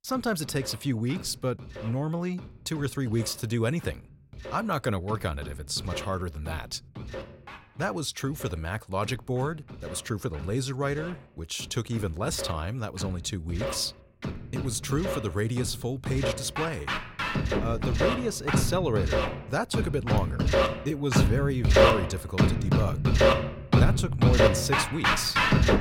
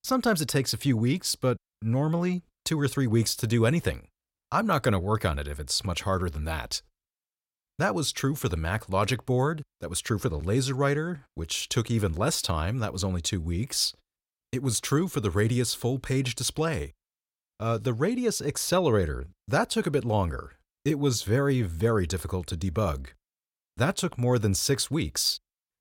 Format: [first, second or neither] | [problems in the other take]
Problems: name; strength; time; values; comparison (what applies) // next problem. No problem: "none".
second | background music; very loud; throughout; 4 dB above the speech